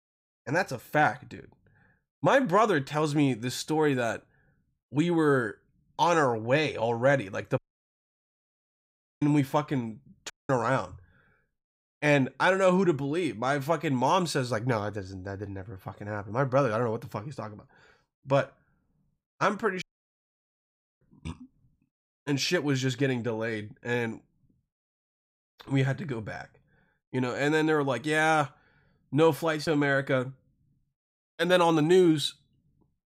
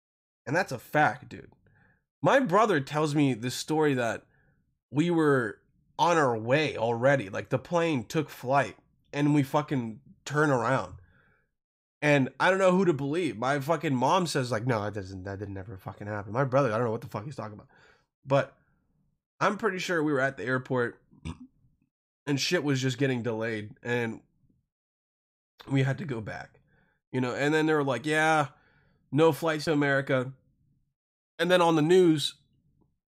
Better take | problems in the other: second | audio cutting out; at 7.5 s for 1.5 s, at 10 s and at 20 s for 1 s

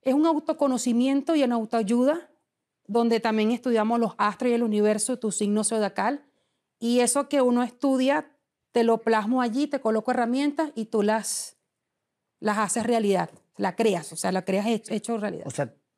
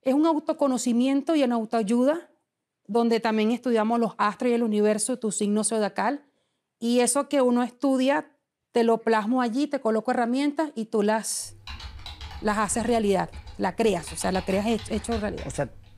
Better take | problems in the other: first | keyboard typing; faint; from 11 s on; peak 15 dB below the speech

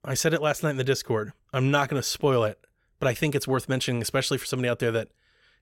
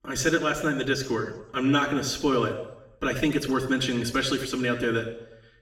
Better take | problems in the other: first | room echo; slight; dies away in 0.8 s // off-mic speech; far

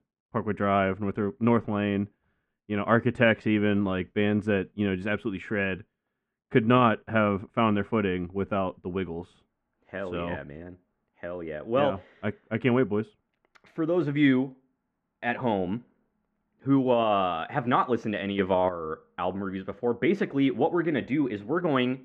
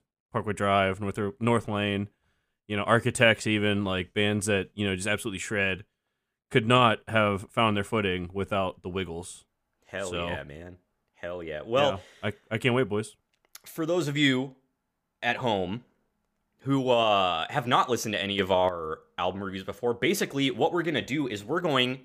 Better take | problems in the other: second | muffled; very; fading above 2 kHz

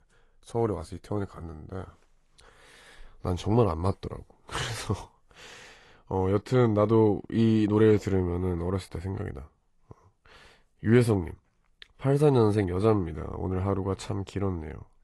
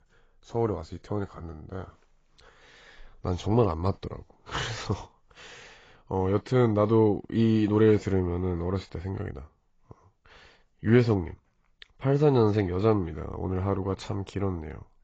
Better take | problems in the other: first | garbled, watery; badly; nothing above 7.5 kHz; slightly in the first

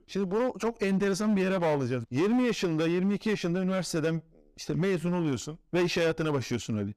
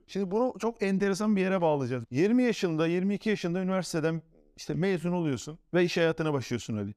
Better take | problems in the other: second | distortion; slight; 12% of the sound clipped

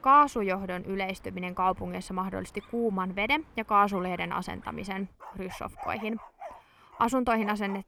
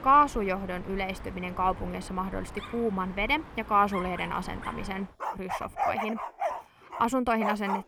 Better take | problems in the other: first | animal sounds; loud; throughout; 8 dB below the speech; faint in the first

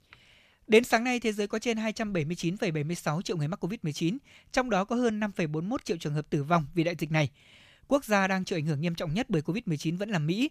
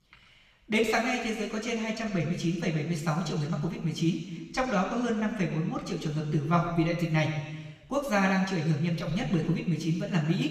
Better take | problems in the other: first | room echo; noticeable; dies away in 1.3 s // off-mic speech; somewhat distant

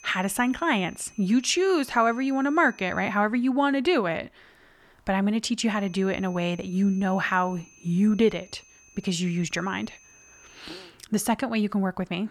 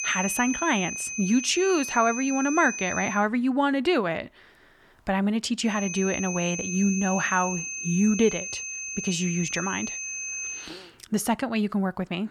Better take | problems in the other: first | high-pitched whine; loud; until 3 s and from 5.5 to 11 s; 6.5 kHz, 6 dB below the speech; faint in the first

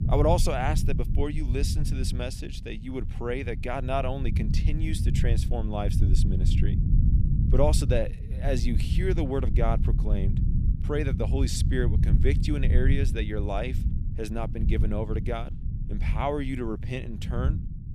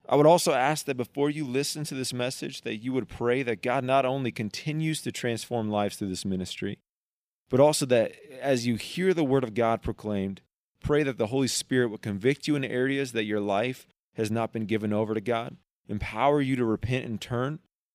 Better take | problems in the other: second | low rumble; loud; throughout; 9 dB below the speech

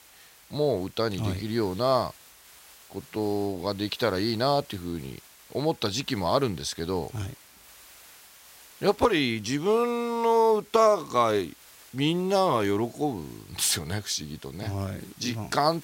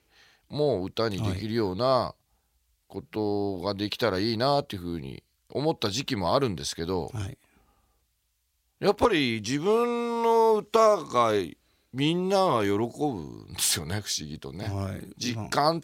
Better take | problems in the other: second | hiss; faint; throughout; 25 dB below the speech

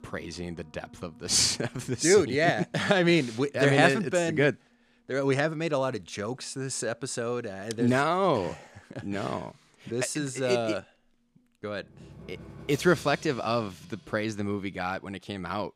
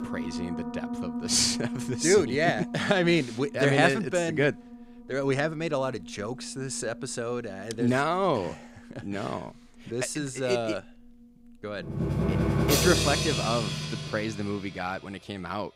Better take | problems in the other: first | background music; loud; throughout; 3 dB below the speech; faint in the first

